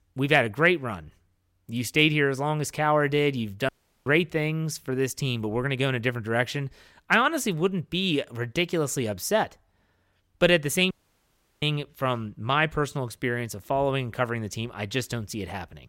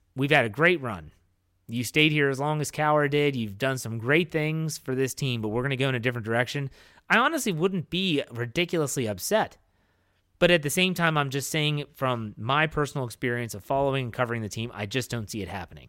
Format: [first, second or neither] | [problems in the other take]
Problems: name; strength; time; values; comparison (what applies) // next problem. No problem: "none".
second | audio cutting out; at 3.5 s and at 11 s for 0.5 s